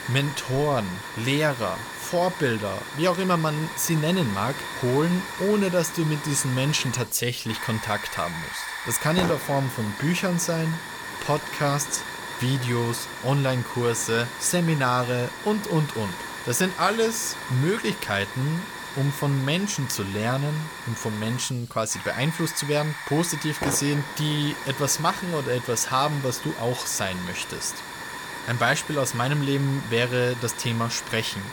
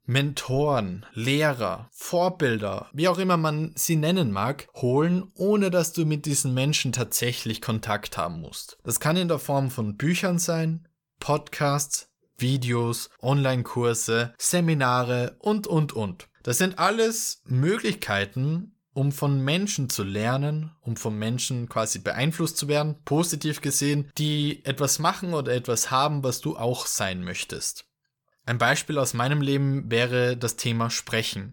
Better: second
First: hiss; loud; throughout; 8 dB below the speech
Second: none

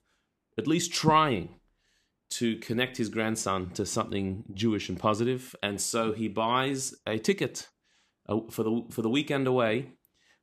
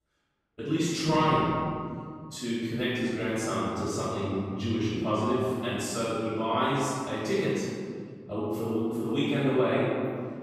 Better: first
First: none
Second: off-mic speech; far // room echo; strong; dies away in 2.1 s

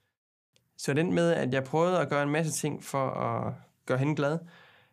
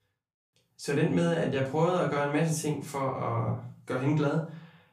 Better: first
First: none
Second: room echo; slight; dies away in 0.3 s // off-mic speech; far

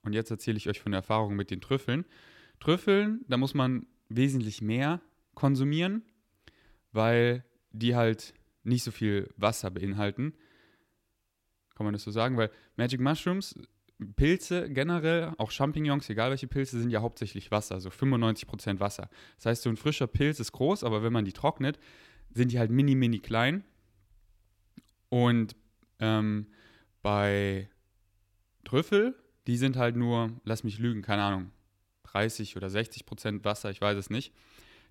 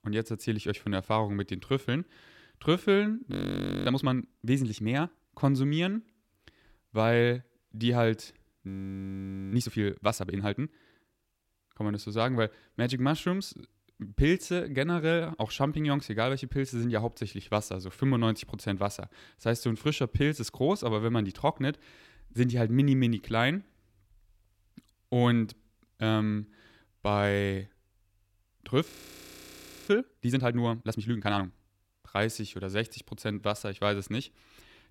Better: first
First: none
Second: audio freezing; at 3.5 s for 0.5 s, at 8.5 s for 1 s and at 29 s for 1 s

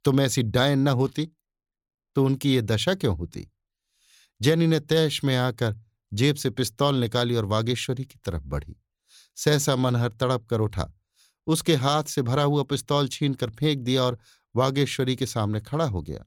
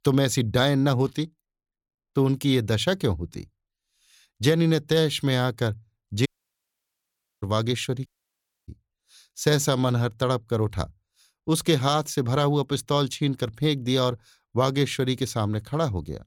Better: first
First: none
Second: audio cutting out; at 6.5 s for 1 s and at 8 s for 0.5 s

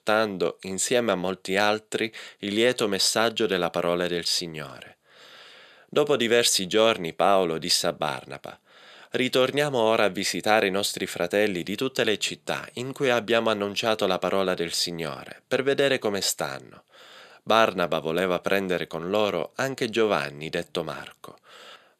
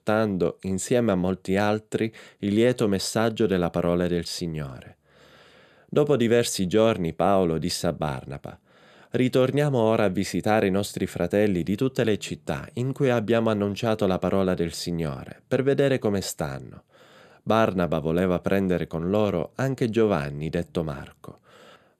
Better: second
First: thin; somewhat; fading below 750 Hz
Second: none

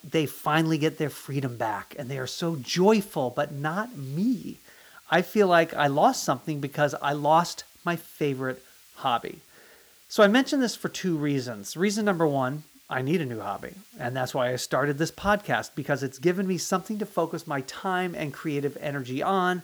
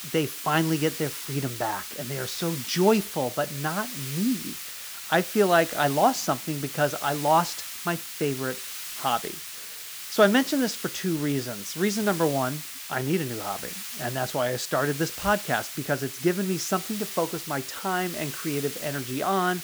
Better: first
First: hiss; faint; throughout; 25 dB below the speech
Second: hiss; loud; throughout; 7 dB below the speech

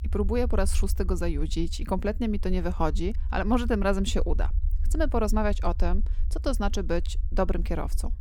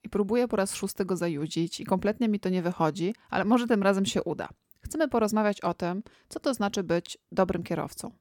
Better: second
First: low rumble; faint; throughout; 20 dB below the speech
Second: none

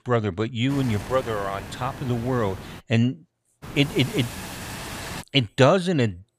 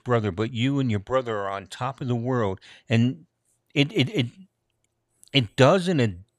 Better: second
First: hiss; noticeable; from 0.5 to 3 s and from 3.5 to 5 s; 10 dB below the speech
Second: none

